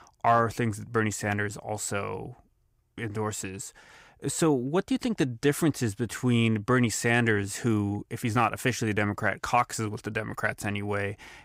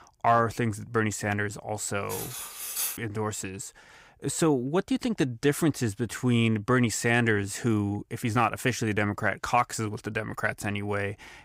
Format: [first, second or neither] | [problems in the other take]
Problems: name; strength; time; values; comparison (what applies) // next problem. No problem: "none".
first | clattering dishes; noticeable; at 2 s; peak 2 dB below the speech